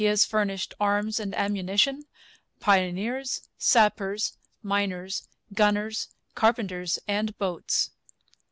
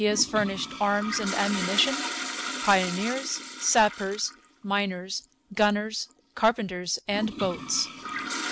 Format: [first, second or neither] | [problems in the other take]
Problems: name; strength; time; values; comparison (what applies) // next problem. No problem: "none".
first | background sound (Toilet flush); 8 dB below the speech